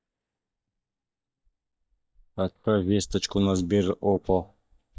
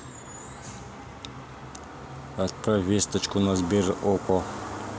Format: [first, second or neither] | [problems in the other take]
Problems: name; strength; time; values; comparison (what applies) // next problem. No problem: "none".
second | noise reduction (neural mask model DeepFilterNet 3)